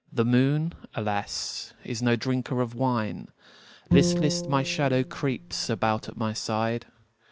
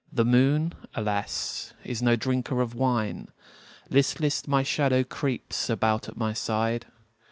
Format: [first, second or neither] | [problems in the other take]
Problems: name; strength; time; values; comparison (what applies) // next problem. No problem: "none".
second | background sound (Bowed string instrument); 3 dB below the speech